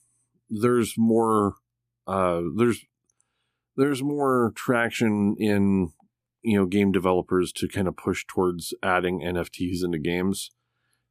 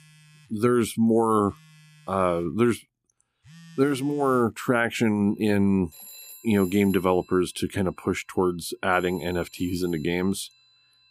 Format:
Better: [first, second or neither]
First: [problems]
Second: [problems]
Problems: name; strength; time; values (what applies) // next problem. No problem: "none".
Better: first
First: none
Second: alarms or sirens; faint; throughout; 25 dB below the speech